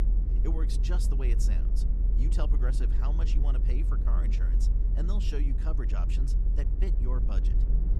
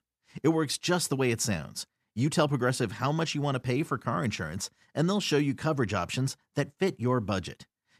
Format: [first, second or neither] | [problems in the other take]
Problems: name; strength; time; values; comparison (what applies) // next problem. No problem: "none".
second | low rumble; loud; throughout; 4 dB below the speech